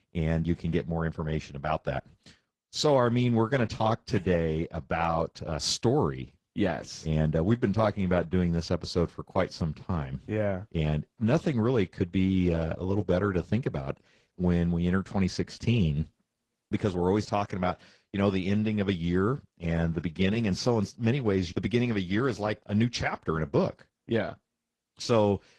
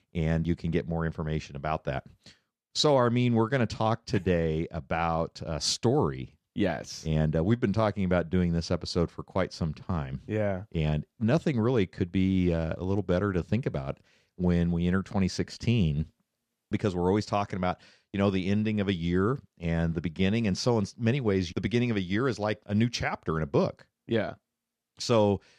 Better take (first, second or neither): second